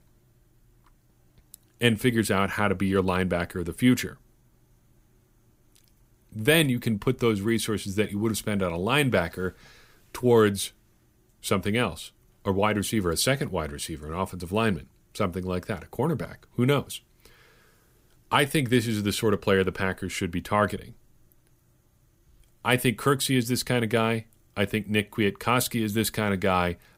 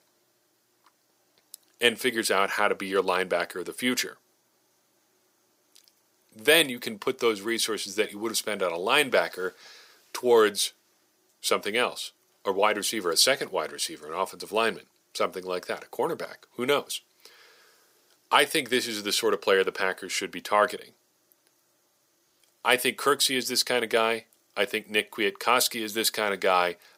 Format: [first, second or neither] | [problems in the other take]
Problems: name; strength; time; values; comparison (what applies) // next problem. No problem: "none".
first | thin; somewhat; fading below 500 Hz